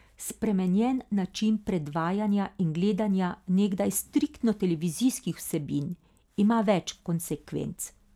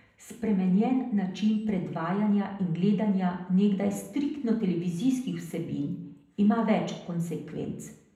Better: first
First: none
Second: room echo; dies away in 0.7 s

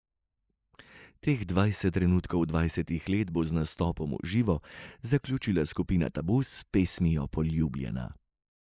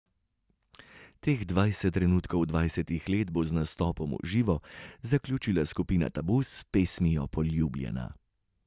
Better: second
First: noise reduction (neural mask model Resemble Enhance denoiser)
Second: none

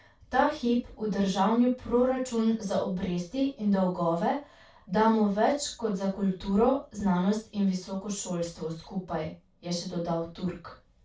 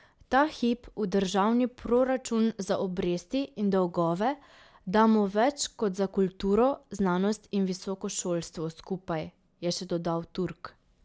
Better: second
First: room echo; dies away in 0.2 s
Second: none

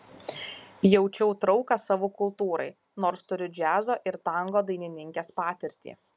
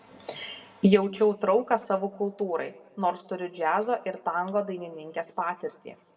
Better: first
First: none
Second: room echo; dies away in 1 s

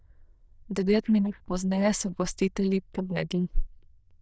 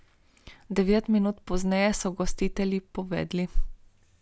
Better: second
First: noise reduction (neural diffusion model UNIVERSE++)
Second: none

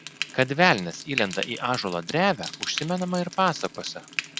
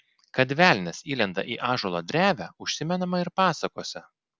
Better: second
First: background sound (Frying (food)); 11 dB below the speech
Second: none

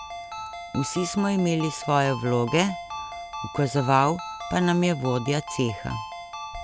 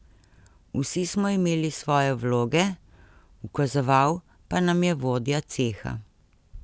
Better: second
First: background sound (Ringtone); 10 dB below the speech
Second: none

